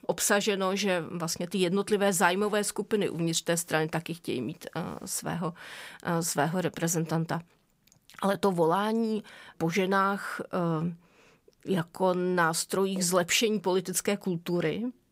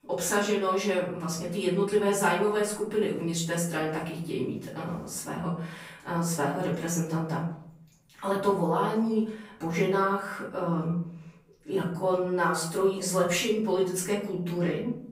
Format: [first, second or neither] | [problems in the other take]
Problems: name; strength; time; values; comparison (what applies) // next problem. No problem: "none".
first | off-mic speech; far // room echo; noticeable; dies away in 0.6 s